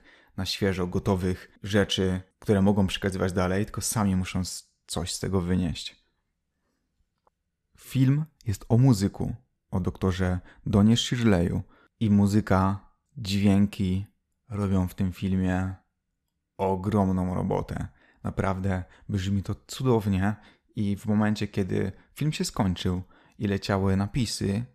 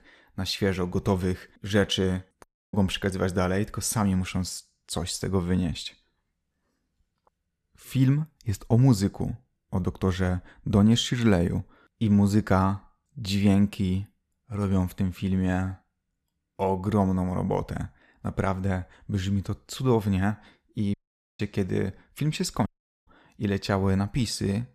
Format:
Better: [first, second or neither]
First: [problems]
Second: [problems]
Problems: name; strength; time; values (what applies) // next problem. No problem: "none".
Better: first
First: none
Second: audio cutting out; at 2.5 s, at 21 s and at 23 s